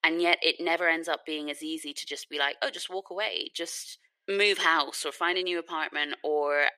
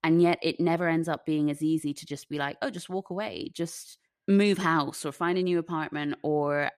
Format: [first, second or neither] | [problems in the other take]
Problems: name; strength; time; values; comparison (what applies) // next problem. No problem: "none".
second | thin; very; fading below 450 Hz